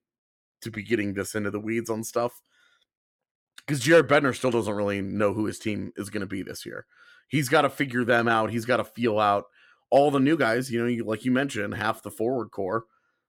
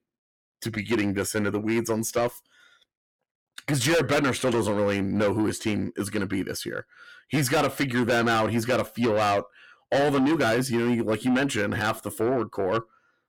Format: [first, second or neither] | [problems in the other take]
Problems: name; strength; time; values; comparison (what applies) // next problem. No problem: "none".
first | distortion; heavy; 6 dB below the speech